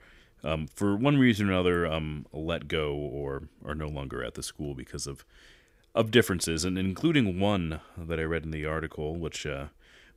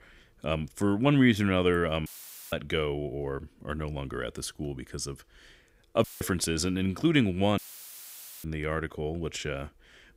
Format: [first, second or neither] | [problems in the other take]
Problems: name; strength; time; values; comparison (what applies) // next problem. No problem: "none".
first | audio cutting out; filled with static; at 2 s, at 6 s and at 7.5 s for 1 s